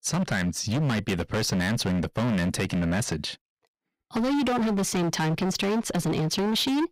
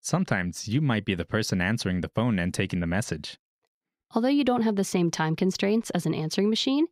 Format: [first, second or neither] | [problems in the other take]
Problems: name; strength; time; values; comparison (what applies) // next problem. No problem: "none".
second | distortion; heavy; 29% of the sound clipped